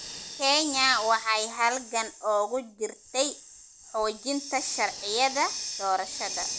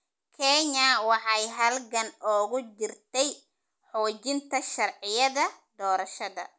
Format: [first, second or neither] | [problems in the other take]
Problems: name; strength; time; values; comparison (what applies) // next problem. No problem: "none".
second | background sound (Hiss); 10 dB below the speech